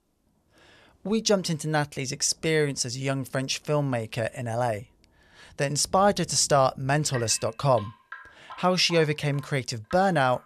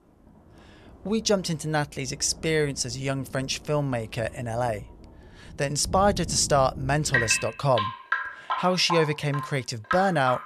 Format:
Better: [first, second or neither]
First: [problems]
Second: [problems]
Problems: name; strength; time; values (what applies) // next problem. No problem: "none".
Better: first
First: rain or running water; faint; throughout; 20 dB below the speech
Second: rain or running water; loud; throughout; 5 dB below the speech